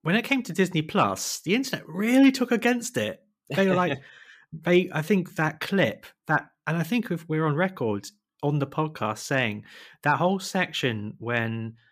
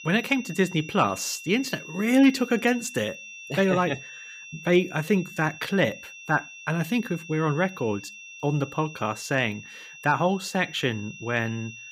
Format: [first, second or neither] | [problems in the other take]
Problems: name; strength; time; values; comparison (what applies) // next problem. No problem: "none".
first | high-pitched whine; noticeable; throughout; 2.5 kHz, 15 dB below the speech